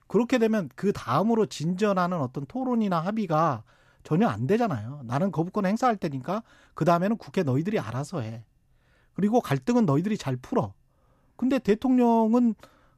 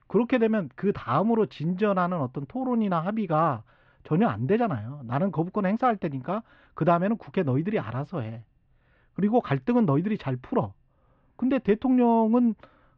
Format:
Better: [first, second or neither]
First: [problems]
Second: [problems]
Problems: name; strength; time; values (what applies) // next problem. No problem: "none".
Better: first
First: none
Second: muffled; very; fading above 3 kHz